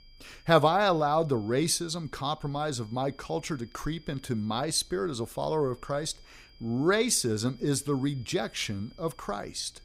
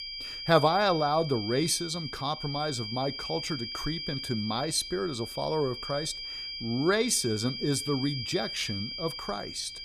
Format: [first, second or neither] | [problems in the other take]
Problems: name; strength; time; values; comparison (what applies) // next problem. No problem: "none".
first | high-pitched whine; loud; throughout; 5 kHz, 6 dB below the speech; faint in the first